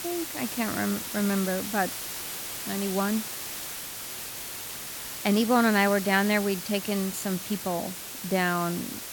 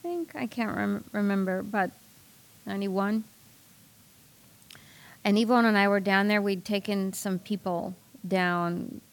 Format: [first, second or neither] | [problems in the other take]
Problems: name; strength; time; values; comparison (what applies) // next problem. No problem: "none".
second | hiss; loud; throughout; 6 dB below the speech; faint in the second